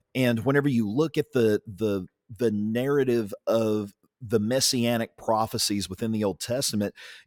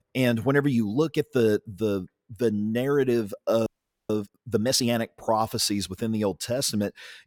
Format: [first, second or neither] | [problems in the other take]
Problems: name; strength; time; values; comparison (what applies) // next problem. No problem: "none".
first | audio freezing; at 3.5 s